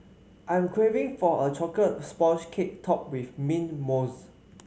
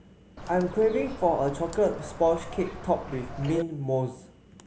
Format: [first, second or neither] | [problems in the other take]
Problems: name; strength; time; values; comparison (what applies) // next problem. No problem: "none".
first | background sound (Bird); 11 dB below the speech